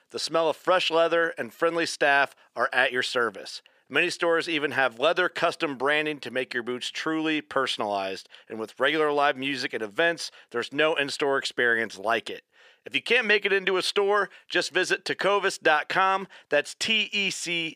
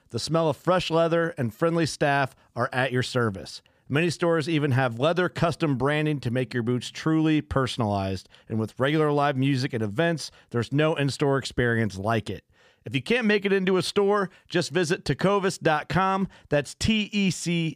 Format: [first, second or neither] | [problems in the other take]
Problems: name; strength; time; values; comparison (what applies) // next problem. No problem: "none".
second | thin; somewhat; fading below 450 Hz